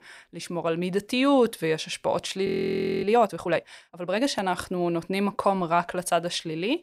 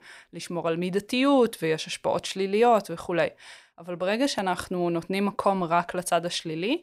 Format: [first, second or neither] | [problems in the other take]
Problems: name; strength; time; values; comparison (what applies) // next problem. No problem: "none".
second | audio freezing; at 2.5 s for 0.5 s